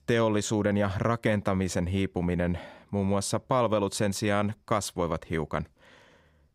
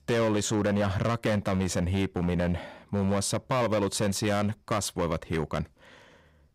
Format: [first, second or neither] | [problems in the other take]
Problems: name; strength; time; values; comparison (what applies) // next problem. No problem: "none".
first | distortion; slight; 13% of the sound clipped